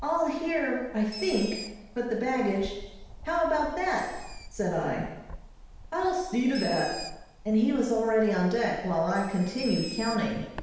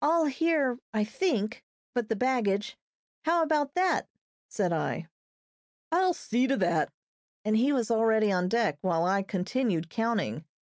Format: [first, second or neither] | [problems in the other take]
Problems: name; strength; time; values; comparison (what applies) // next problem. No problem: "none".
second | background sound (Bird); 14 dB below the speech // room echo; dies away in 1 s